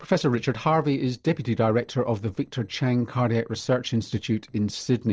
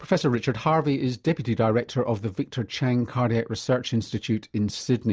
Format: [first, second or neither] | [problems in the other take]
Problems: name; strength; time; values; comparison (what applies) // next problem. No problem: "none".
second | noise reduction (neural separator model SepFormer DNS4)